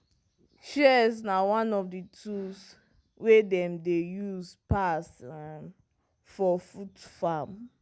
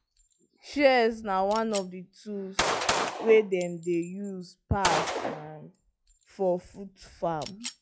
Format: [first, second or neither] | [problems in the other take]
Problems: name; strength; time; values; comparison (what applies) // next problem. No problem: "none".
first | noise reduction (classical method log-MMSE)